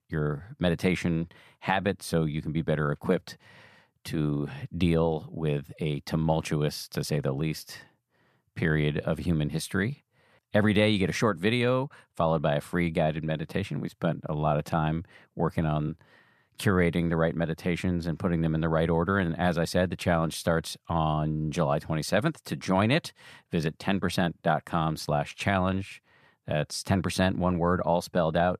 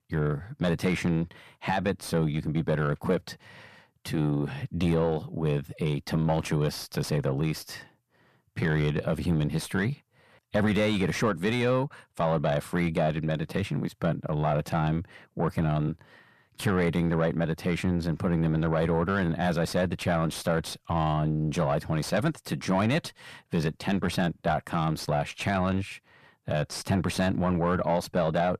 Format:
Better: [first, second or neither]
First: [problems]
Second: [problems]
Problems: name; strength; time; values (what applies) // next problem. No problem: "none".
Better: first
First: none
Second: distortion; slight; 10 dB below the speech